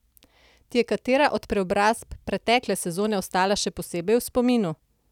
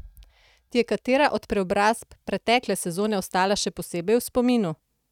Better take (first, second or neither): first